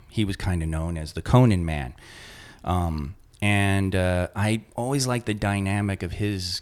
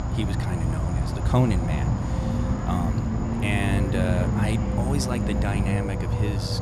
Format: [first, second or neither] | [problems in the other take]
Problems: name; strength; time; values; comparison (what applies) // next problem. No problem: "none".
first | animal sounds; very loud; throughout; 3 dB above the speech